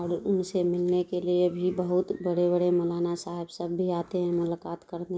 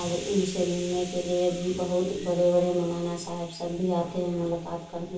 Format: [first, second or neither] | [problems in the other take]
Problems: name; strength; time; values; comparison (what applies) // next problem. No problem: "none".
first | background sound (Hiss); 17 dB below the speech // room echo; dies away in 0.3 s